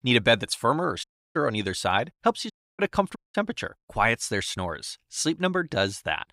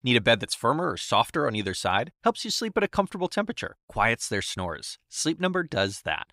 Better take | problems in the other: second | audio cutting out; at 1 s, at 2.5 s and at 3 s

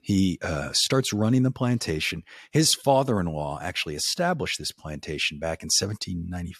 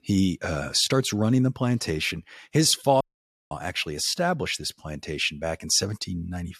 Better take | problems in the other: first | audio cutting out; at 3 s for 0.5 s

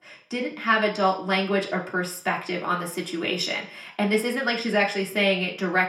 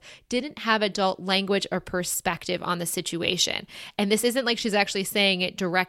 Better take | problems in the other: second | room echo; slight; dies away in 0.4 s // off-mic speech; somewhat distant

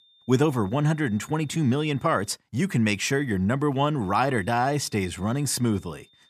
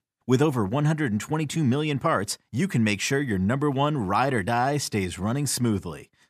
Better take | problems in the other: second | high-pitched whine; faint; until 2.5 s and from 4 s on; 3.5 kHz, 35 dB below the speech

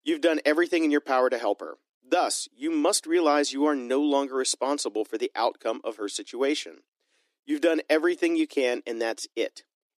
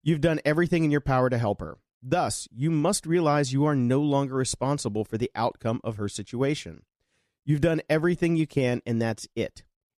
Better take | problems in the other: second | thin; somewhat; fading below 300 Hz

